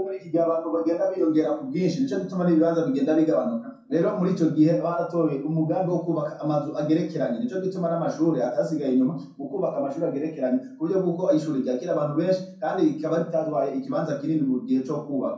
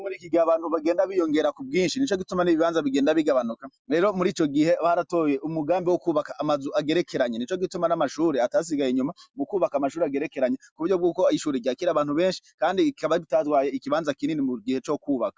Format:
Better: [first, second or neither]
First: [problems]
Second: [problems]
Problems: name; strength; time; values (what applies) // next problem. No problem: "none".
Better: second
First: room echo; dies away in 0.5 s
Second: none